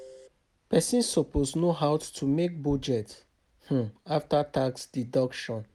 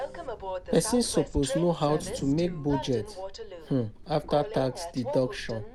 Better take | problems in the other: first | background sound (Train); 9 dB below the speech

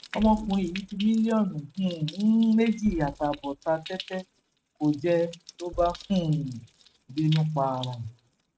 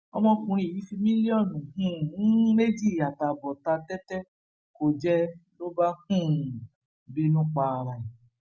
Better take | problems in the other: second | noise reduction (neural mask model RNNoise)

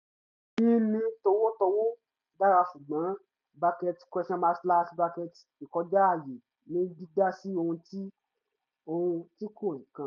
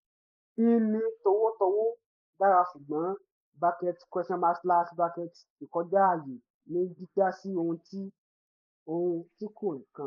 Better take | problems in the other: first | noise reduction (neural mask model Resemble Enhance denoiser)

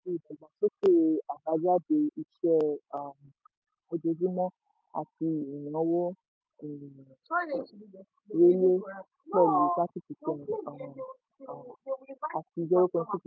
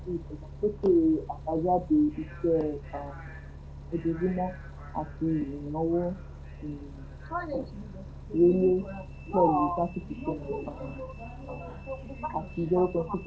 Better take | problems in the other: first | background sound (Bus); 13 dB below the speech // room echo; dies away in 0.2 s

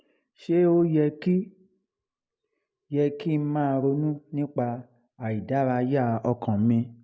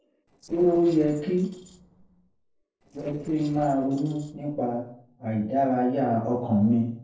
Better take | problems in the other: first | noise reduction (neural separator model SepFormer DNS4)

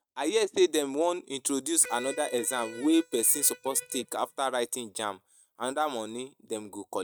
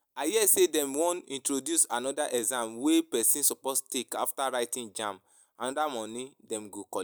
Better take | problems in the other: second | noise reduction (neural mask model RNNoise)

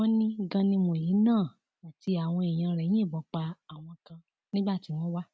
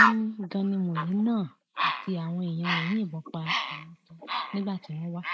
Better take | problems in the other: first | noise reduction (neural mask model Resemble Enhance denoiser)

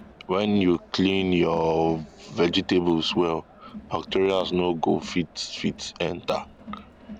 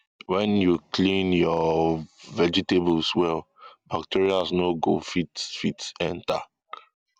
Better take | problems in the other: second | background sound (Crowd); 19 dB below the speech

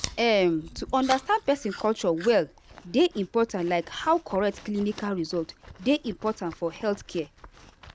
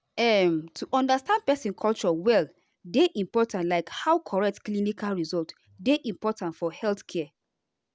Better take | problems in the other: second | background sound (Chewing, mastication); 17 dB below the speech

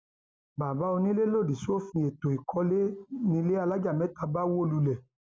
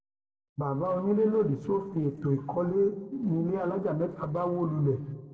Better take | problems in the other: first | noise reduction (neural separator model SepFormer DNS4)

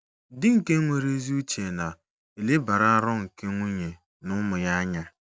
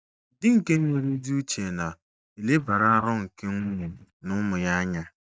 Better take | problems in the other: first | noise reduction (neural mask model DeepFilterNet 3)

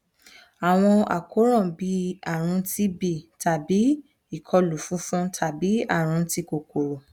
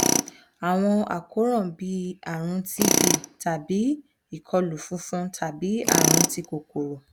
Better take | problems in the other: first | background sound (Tools); 1 dB below the speech

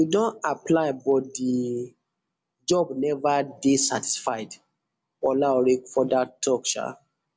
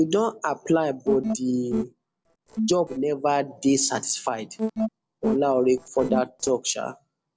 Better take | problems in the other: first | noise reduction (neural separator model SepFormer DNS4)

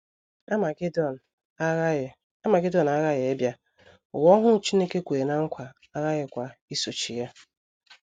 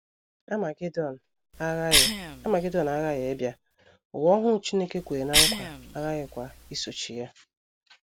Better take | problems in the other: first | background sound (Cough); 1 dB below the speech

